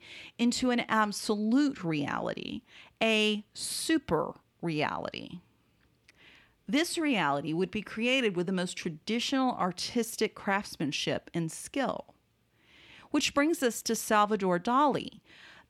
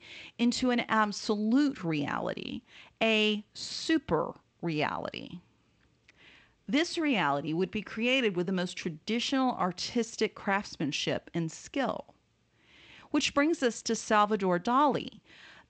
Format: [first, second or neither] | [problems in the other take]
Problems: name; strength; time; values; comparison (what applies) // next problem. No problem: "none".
first | garbled, watery; slightly; nothing above 8 kHz